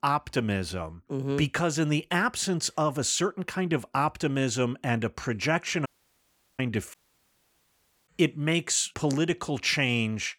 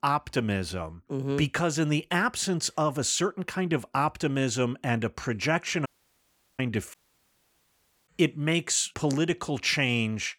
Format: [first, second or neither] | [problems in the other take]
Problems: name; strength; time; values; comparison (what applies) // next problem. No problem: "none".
neither | audio cutting out; at 6 s for 0.5 s and at 7 s for 1 s; the same in both